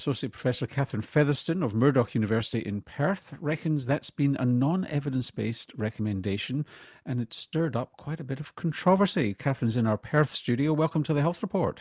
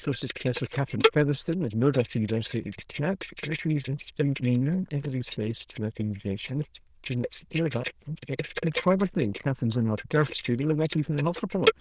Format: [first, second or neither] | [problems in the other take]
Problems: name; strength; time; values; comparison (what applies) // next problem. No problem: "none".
first | noise reduction (neural diffusion model UNIVERSE++)